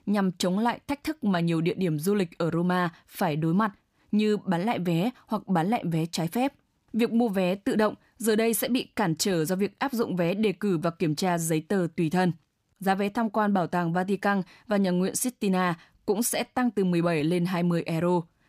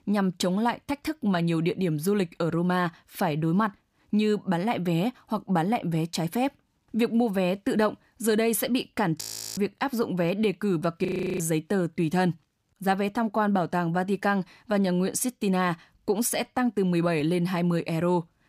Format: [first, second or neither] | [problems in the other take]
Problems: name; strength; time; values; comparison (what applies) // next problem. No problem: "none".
first | audio freezing; at 9 s and at 11 s